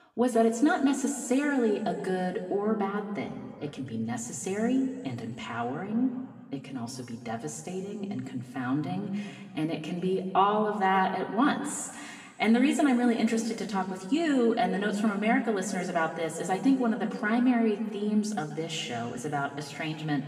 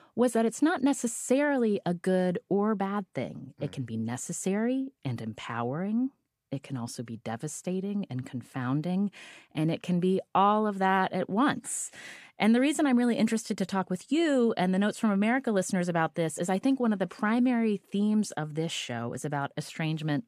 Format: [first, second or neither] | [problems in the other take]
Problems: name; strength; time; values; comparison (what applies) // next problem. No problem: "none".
second | room echo; slight; dies away in 1.6 s // off-mic speech; somewhat distant